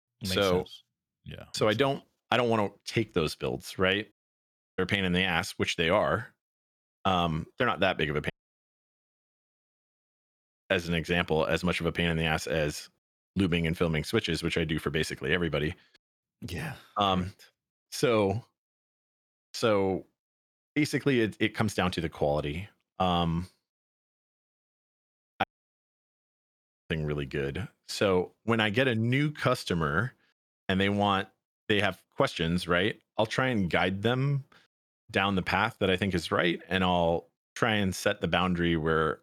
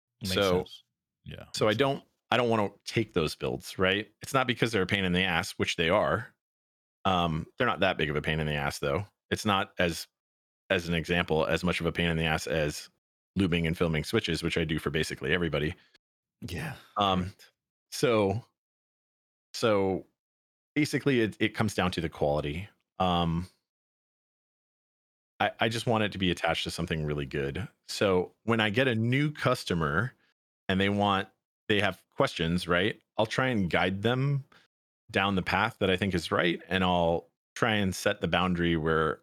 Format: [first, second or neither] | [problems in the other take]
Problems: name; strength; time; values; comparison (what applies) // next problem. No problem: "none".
second | audio cutting out; at 4 s for 0.5 s, at 8.5 s for 2 s and at 25 s for 1.5 s